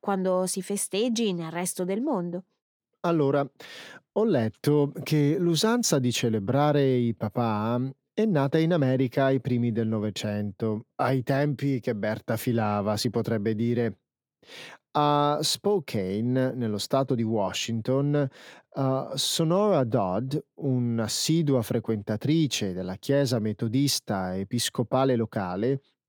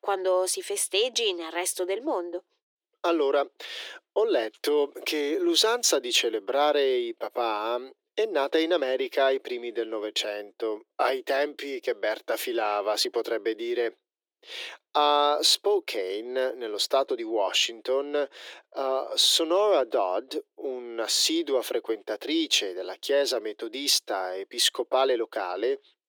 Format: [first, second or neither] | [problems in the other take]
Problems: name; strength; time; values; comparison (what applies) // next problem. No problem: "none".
first | thin; very; fading below 350 Hz